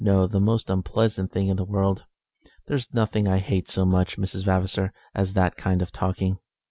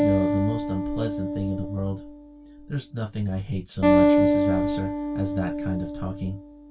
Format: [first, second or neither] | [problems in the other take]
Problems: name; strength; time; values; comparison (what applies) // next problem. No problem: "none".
first | background sound (Acoustic guitar); 4 dB above the speech // room echo; dies away in 0.1 s